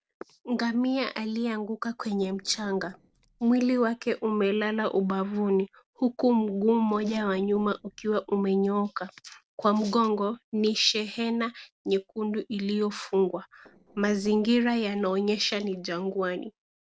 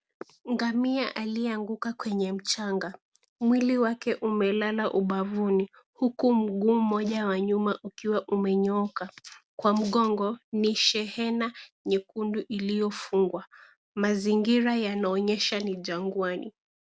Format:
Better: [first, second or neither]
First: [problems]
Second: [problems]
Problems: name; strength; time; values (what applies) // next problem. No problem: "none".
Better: second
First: noise reduction (neural separator model SepFormer DNS4)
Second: none